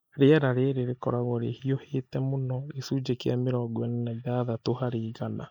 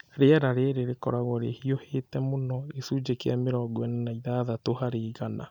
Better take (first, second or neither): second